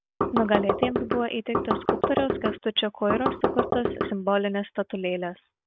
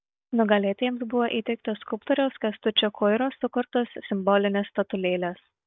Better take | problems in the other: second | background sound (Knock); 2 dB above the speech

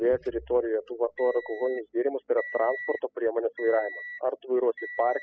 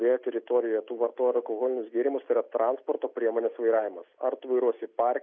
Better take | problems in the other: second | noise reduction (classical method spectral subtraction)

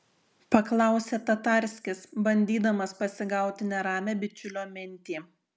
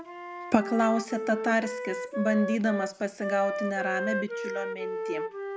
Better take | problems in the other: first | background sound (Wind instrument, woodwind instrument); 5 dB below the speech

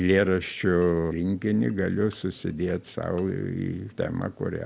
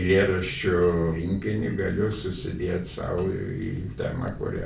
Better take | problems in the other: first | background sound (Fire); 14 dB below the speech // room echo; dies away in 0.3 s

